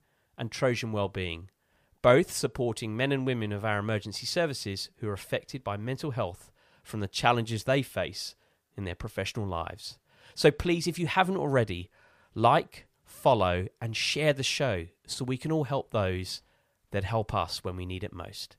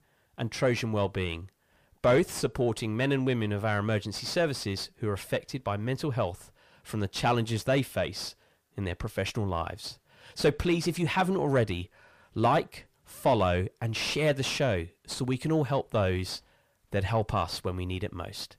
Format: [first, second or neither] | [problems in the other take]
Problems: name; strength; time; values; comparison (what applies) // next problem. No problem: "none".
first | distortion; slight; 10 dB below the speech